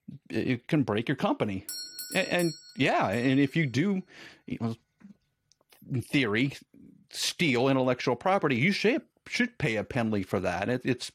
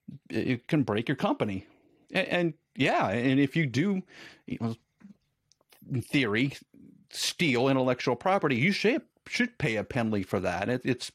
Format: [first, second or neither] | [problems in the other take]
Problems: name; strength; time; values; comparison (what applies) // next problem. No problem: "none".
second | doorbell; noticeable; from 1.5 to 3.5 s; peak 8 dB below the speech